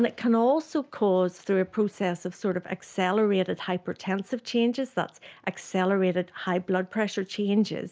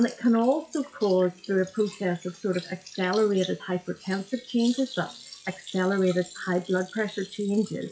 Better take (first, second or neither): first